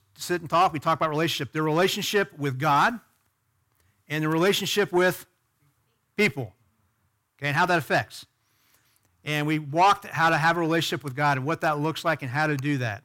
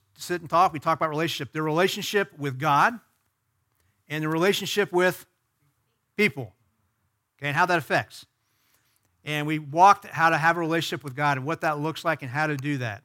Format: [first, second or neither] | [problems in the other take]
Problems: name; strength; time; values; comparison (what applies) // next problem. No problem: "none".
second | distortion; slight; 10 dB below the speech